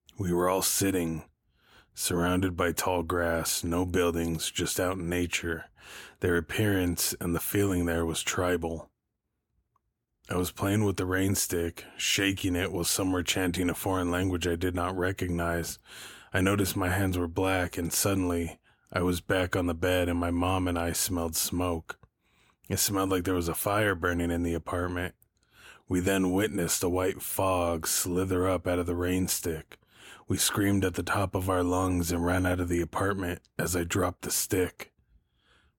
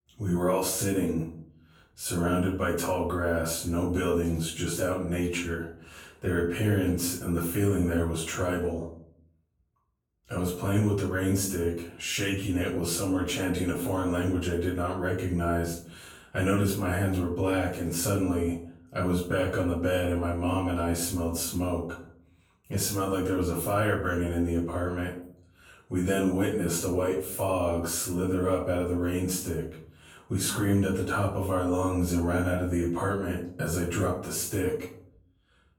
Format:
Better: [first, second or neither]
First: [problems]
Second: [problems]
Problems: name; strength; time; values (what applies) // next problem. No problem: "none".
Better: first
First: none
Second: off-mic speech; far // room echo; noticeable; dies away in 0.5 s